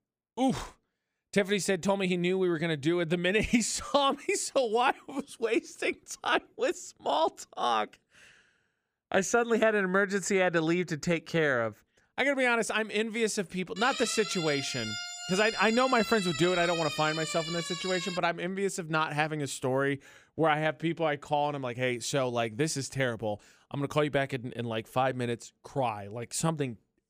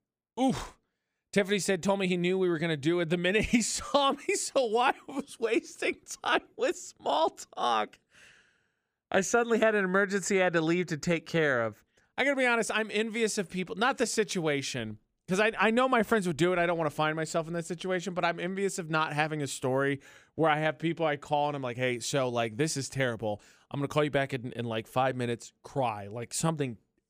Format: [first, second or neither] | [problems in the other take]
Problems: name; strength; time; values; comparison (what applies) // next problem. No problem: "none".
second | siren; noticeable; from 14 to 18 s; peak 5 dB below the speech